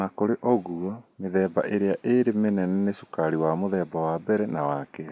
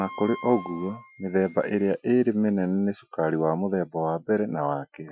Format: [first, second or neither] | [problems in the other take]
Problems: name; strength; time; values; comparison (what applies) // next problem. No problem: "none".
first | noise reduction (classical method Wiener filter)